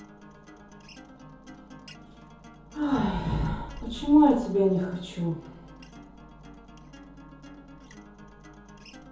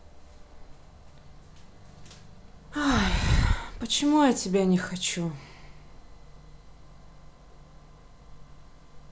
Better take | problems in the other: second | background sound (Acoustic guitar); 20 dB below the speech // room echo; dies away in 0.6 s

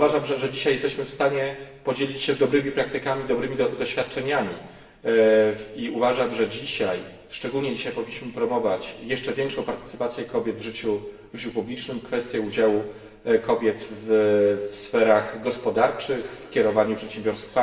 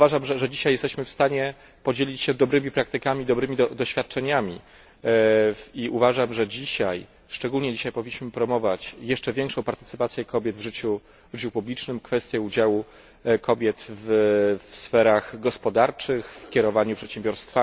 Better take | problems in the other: second | room echo; dies away in 1.1 s

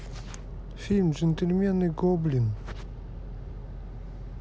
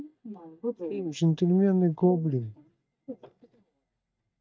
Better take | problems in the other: first | noise reduction (neural mask model DeepFilterNet 3)

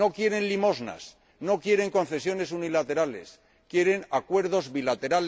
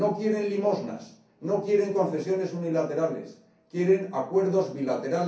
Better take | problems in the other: first | room echo; dies away in 0.6 s

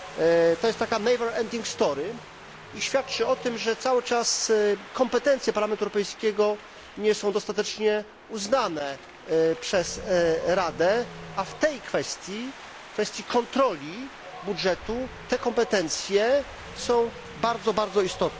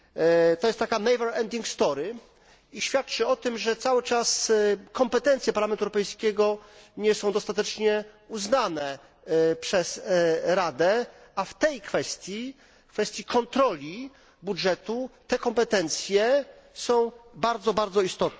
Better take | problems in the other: second | background sound (Wind); 16 dB below the speech

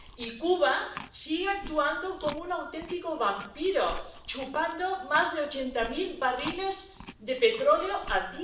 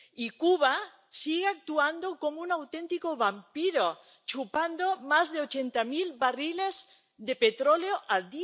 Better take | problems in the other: second | background sound (Chewing, mastication); 15 dB below the speech // room echo; dies away in 0.6 s

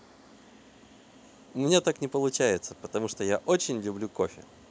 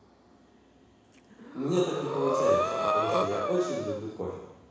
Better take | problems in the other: first | background sound (Breathing); 3 dB above the speech // room echo; dies away in 1.1 s

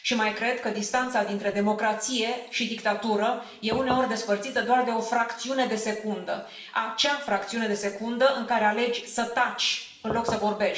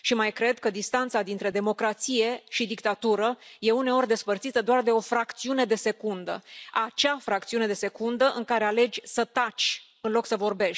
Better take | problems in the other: second | background sound (Knock / Wood); 8 dB below the speech // room echo; dies away in 0.8 s

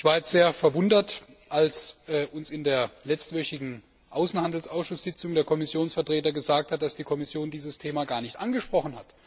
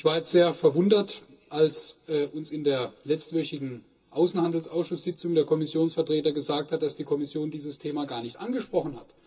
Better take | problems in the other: first | room echo; dies away in 0.2 s

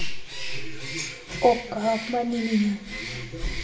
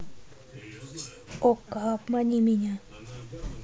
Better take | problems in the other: second | background sound (Bird); 11 dB below the speech // room echo; dies away in 1.4 s

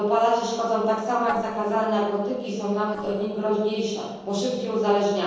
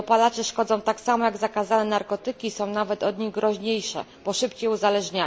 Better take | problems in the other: second | noise reduction (neural separator model SepFormer DNS4)

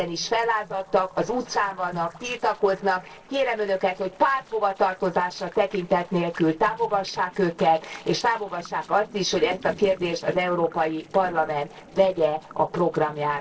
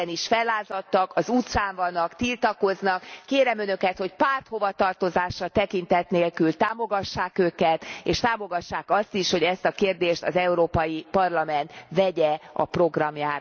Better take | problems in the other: second | noise reduction (neural separator model SepFormer DNS4)

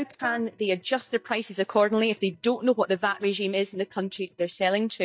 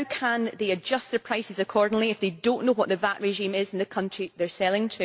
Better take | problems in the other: second | noise reduction (neural mask model DeepFilterNet 3)

